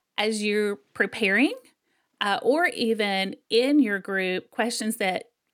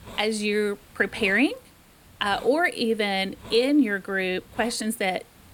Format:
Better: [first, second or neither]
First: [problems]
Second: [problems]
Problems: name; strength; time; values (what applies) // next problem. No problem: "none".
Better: first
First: none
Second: hiss; faint; throughout; 25 dB below the speech